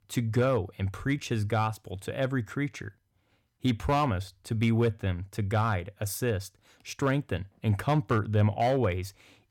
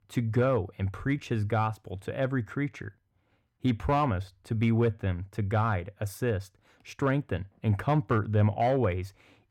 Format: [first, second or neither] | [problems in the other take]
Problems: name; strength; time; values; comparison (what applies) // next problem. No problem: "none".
first | muffled; slightly; fading above 3 kHz